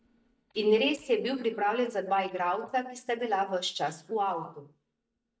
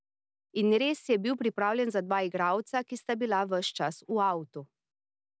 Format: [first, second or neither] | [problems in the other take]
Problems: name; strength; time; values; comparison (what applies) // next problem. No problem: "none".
second | noise reduction (neural mask model DeepFilterNet 3)